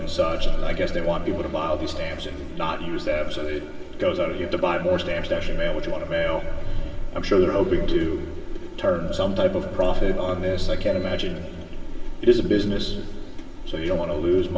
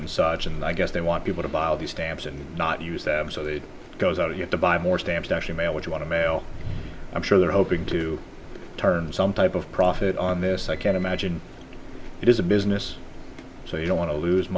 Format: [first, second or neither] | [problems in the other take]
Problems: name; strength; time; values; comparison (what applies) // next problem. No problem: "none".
second | room echo; dies away in 2 s